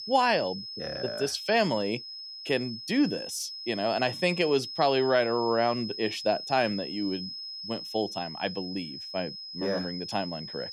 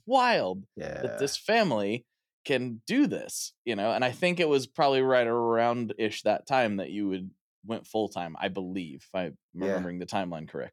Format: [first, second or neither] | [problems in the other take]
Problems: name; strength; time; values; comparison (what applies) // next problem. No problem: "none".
second | high-pitched whine; loud; throughout; 5 kHz, 8 dB below the speech